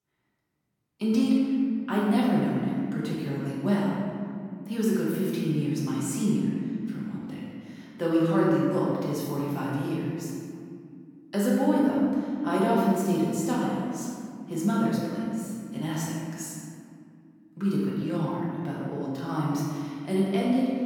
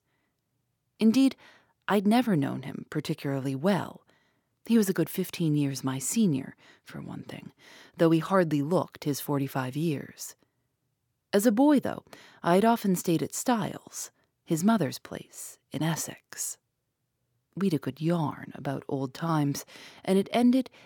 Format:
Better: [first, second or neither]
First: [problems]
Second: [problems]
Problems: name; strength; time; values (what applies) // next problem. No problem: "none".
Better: second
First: room echo; strong; dies away in 2.3 s // off-mic speech; far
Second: none